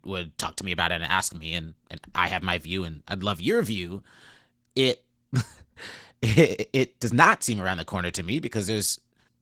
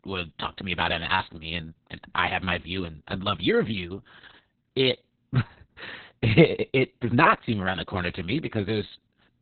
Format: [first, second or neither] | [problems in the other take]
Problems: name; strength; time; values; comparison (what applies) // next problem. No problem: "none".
first | garbled, watery; badly; nothing above 4 kHz; slightly in the first